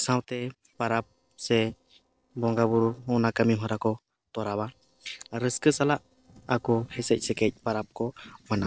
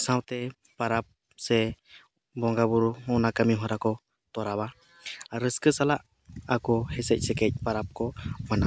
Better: second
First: noise reduction (neural separator model SepFormer DNS4)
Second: none

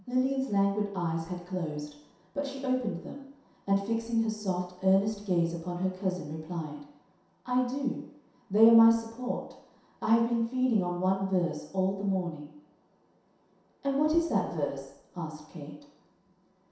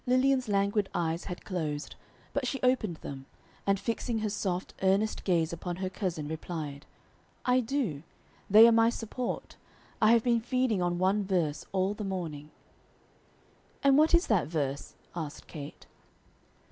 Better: second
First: room echo; dies away in 0.7 s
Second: none

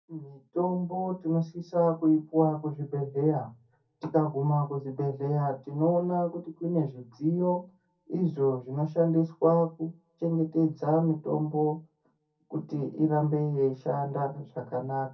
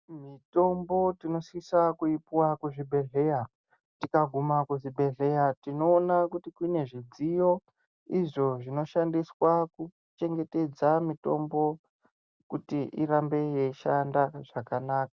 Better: second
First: room echo; dies away in 0.3 s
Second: none

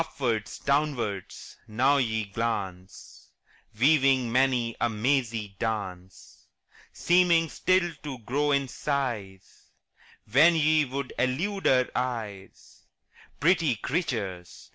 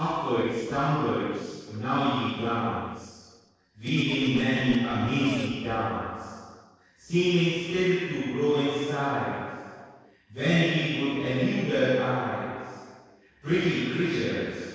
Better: first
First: none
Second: noise reduction (neural separator model SepFormer DNS4)

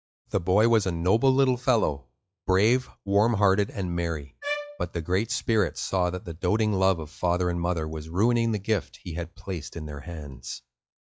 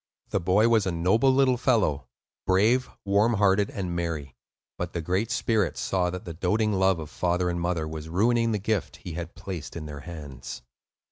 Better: second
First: noise reduction (classical method log-MMSE)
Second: none

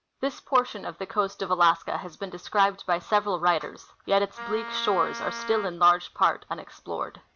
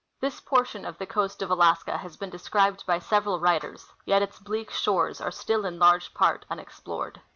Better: second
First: background sound (Wind instrument, woodwind instrument); 11 dB below the speech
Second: none

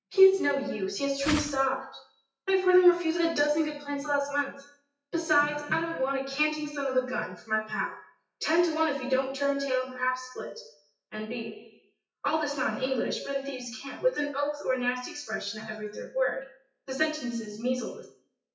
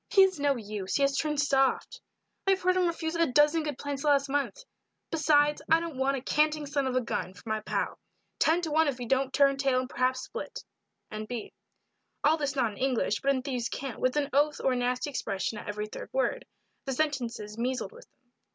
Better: second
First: noise reduction (classical method WPE with log-MMSE)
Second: none

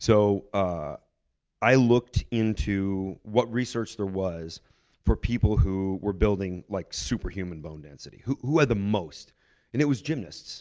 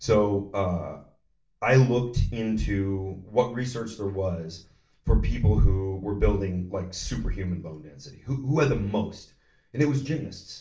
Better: first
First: none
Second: room echo; dies away in 0.3 s

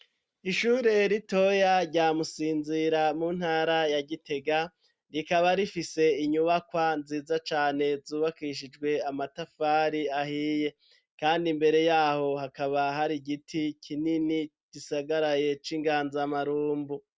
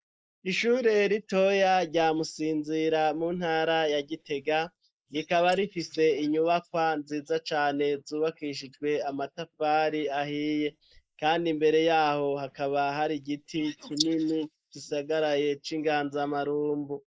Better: first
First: none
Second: noise reduction (neural mask model Resemble Enhance denoiser)

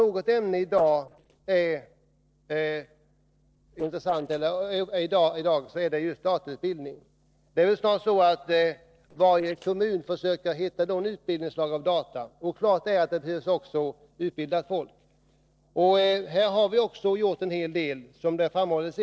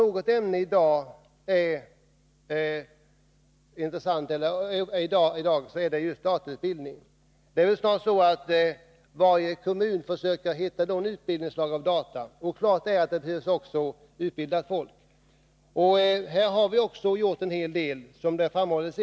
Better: second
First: noise reduction (neural separator model SepFormer DNS4)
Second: none

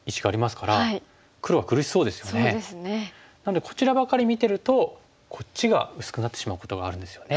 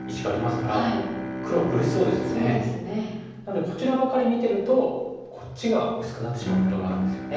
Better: first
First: none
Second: background sound (Bowed string instrument); 6 dB below the speech // room echo; dies away in 1.1 s

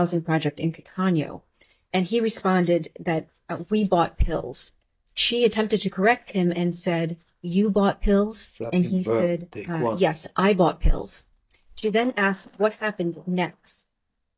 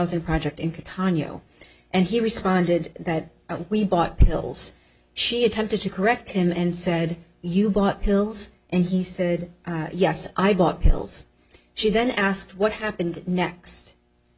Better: second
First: noise reduction (neural mask model DeepFilterNet 3)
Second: none

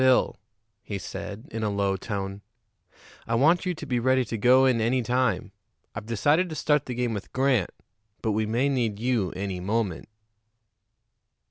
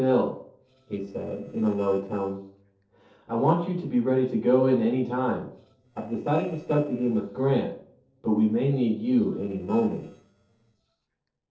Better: first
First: none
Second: noise reduction (neural separator model SepFormer DNS4)

